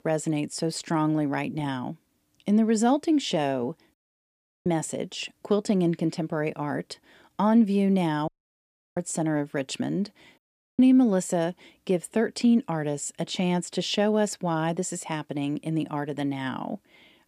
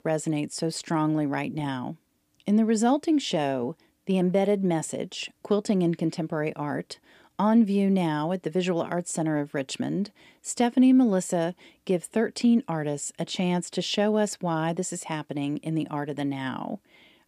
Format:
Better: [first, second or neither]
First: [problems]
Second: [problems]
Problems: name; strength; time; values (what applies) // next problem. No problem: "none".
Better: second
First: audio cutting out; at 4 s for 0.5 s, at 8.5 s for 0.5 s and at 10 s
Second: none